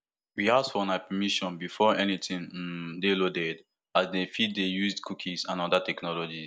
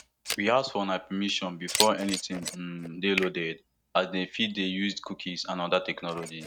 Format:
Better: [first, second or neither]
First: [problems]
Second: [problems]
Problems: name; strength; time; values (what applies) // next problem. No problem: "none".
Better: first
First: none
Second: noise reduction (neural mask model RNNoise)